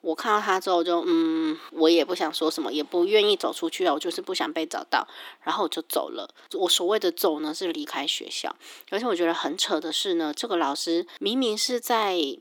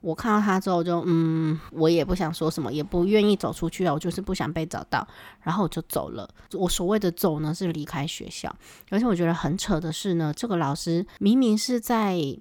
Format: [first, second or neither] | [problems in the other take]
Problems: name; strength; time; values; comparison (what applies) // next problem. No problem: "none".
second | thin; somewhat; fading below 300 Hz